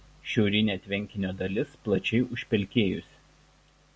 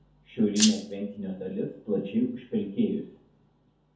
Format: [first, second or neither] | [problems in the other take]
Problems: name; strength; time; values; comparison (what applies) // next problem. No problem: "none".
first | background sound (Rattle (instrument)); 1 dB below the speech // room echo; dies away in 0.5 s